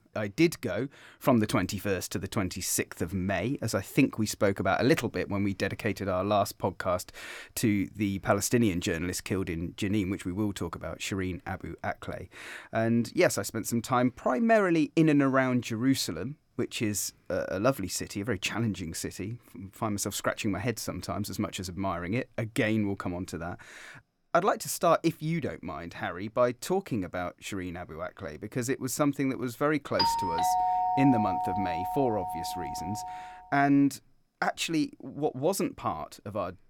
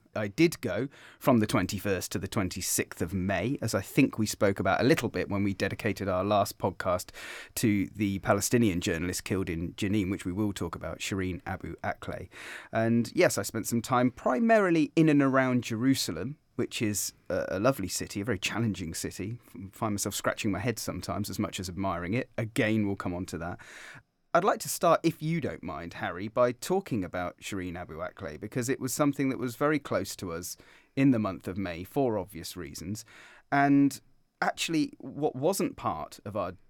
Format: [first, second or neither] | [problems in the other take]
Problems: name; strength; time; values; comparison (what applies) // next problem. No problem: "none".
second | doorbell; loud; from 30 to 33 s; peak 3 dB above the speech